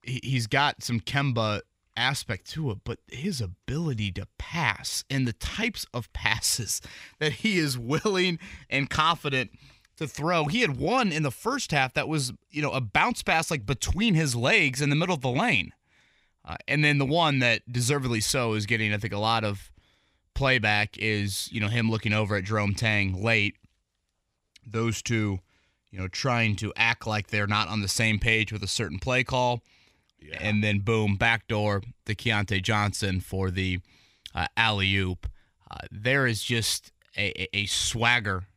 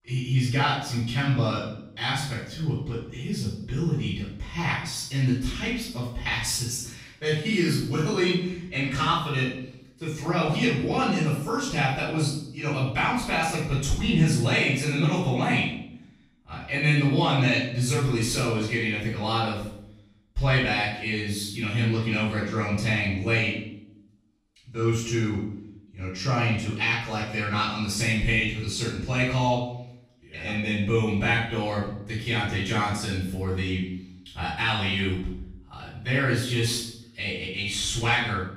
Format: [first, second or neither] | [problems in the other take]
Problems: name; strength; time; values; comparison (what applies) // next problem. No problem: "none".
first | off-mic speech; far // room echo; noticeable; dies away in 0.7 s